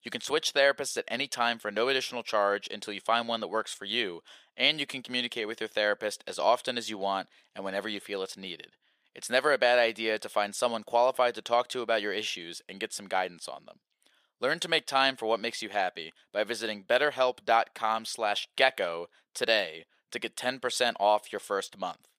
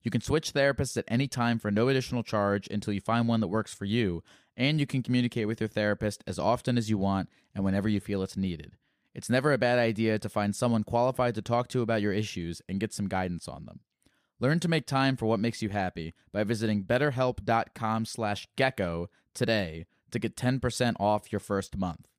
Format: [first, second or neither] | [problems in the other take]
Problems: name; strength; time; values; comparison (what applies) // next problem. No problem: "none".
second | thin; very; fading below 600 Hz